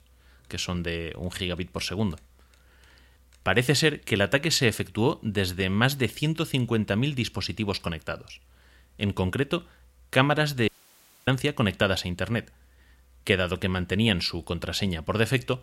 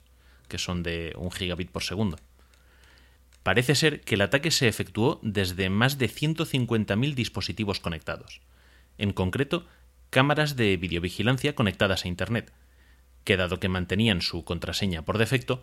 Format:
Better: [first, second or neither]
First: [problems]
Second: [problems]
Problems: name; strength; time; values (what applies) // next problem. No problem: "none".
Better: second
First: audio cutting out; at 11 s for 0.5 s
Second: none